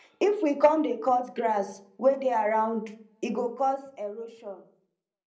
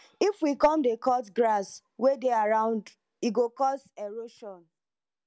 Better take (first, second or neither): second